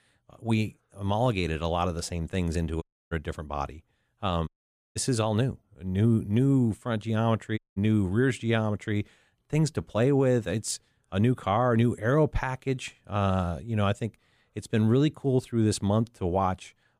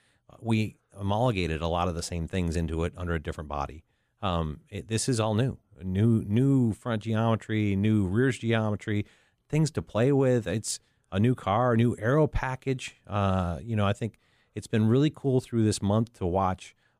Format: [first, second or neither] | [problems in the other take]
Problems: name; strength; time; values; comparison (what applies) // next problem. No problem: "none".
second | audio cutting out; at 3 s, at 4.5 s and at 7.5 s